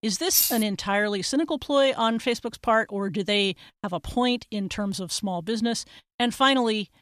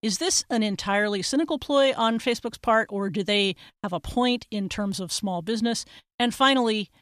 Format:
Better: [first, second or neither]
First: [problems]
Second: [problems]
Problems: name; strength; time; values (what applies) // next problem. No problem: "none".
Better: second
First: jangling keys; loud; at 0.5 s; peak 3 dB above the speech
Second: none